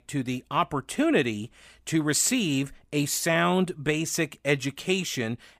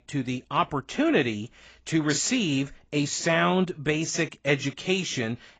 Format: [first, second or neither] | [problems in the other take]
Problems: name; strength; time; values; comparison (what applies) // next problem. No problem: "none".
first | garbled, watery; badly; nothing above 7.5 kHz